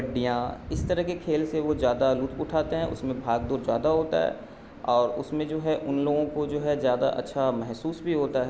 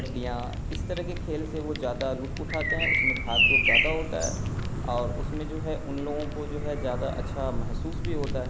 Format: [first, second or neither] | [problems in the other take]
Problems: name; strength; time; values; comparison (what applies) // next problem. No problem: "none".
first | background sound (Fire + Bird vocalization, bird call, bird song); 5 dB above the speech